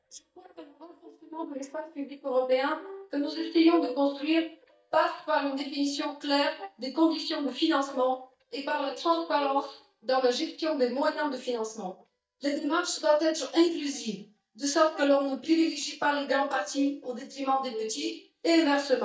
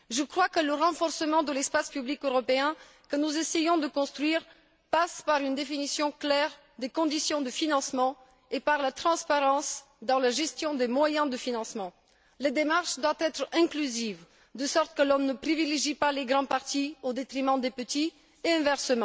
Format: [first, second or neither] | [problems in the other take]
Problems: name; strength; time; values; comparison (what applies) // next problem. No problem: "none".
second | noise reduction (neural mask model DeepFilterNet 3)